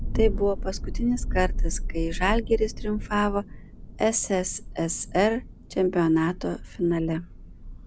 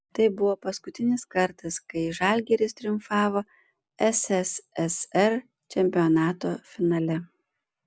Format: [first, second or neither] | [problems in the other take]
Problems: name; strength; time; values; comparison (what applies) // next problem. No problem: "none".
second | background sound (Thunder); 4 dB below the speech